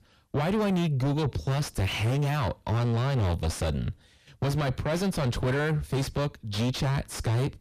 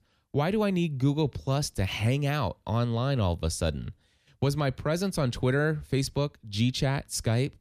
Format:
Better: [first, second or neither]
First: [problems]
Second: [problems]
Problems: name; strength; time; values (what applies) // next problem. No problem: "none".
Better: second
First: distortion; heavy; 6 dB below the speech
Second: none